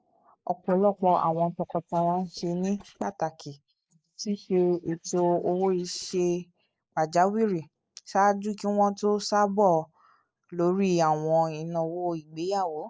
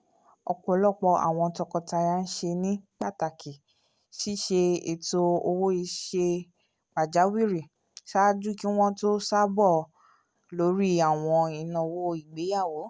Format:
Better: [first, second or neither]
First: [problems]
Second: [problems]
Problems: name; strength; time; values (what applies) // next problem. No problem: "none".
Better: second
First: noise reduction (neural mask model Resemble Enhance denoiser)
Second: none